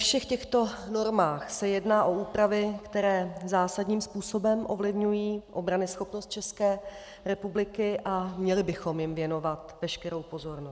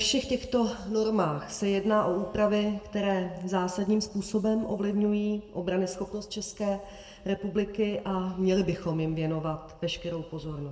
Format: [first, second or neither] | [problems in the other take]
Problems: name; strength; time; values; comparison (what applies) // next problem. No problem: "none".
first | room echo; dies away in 1.1 s